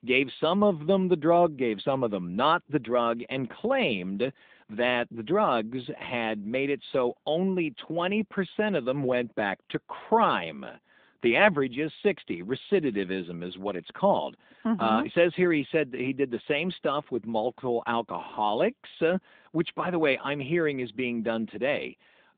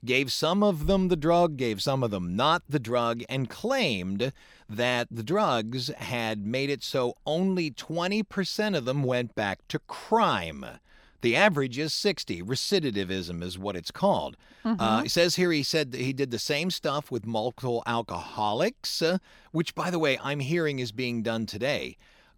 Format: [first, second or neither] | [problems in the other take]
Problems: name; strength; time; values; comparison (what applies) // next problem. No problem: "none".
second | phone-call audio; nothing above 3.5 kHz